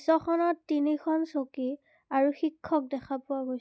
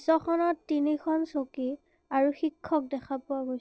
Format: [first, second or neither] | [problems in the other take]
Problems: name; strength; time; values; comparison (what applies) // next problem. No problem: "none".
first | noise reduction (neural separator model SepFormer DNS4)